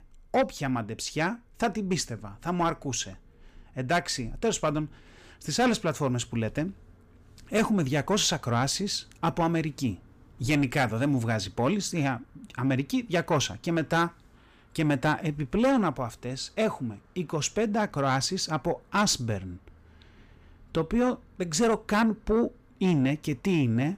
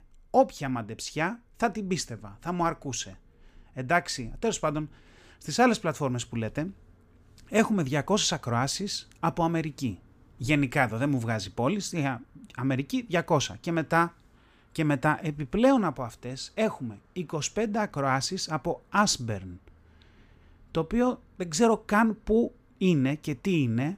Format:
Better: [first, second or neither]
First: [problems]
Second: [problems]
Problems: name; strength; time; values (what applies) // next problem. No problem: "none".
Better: second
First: distortion; slight; 10 dB below the speech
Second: none